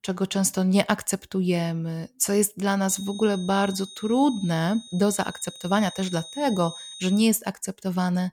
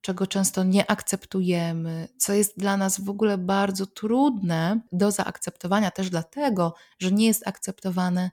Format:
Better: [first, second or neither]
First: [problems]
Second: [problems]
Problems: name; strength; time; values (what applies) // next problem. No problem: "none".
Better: second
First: high-pitched whine; noticeable; from 3 to 7 s; 3.5 kHz, 15 dB below the speech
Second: none